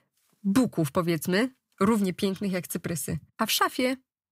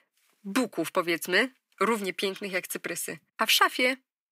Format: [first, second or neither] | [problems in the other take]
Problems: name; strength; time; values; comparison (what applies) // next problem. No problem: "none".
first | thin; somewhat; fading below 300 Hz